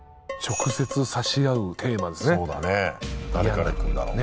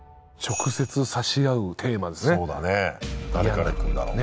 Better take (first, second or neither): second